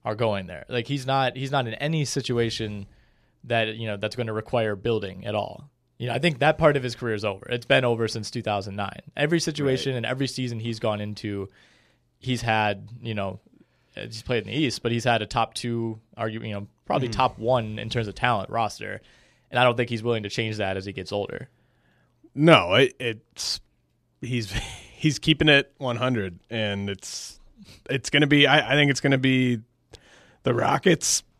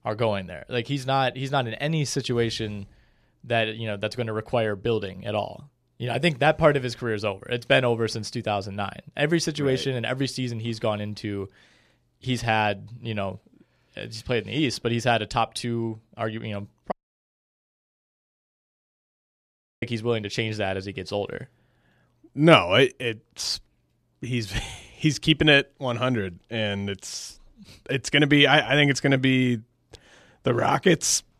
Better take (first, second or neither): first